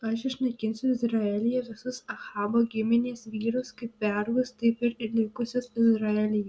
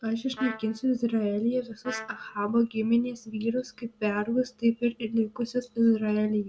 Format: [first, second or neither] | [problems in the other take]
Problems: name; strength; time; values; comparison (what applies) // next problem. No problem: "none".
first | background sound (Trumpet); 14 dB below the speech